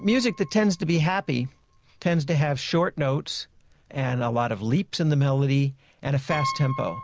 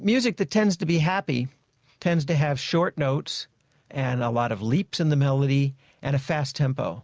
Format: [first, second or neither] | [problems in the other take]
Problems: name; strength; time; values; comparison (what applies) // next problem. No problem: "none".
second | background sound (Piano); 16 dB below the speech